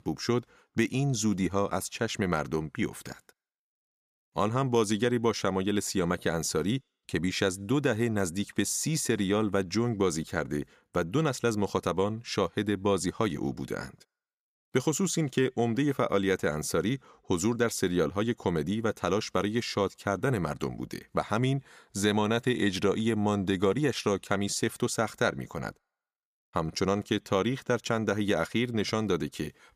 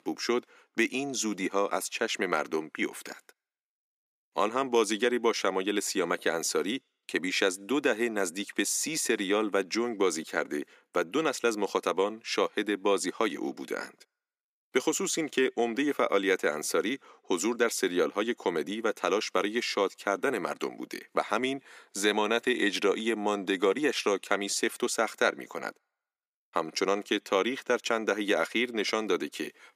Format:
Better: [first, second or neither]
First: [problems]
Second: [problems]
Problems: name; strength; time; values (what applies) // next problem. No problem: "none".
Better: first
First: none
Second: thin; somewhat; fading below 250 Hz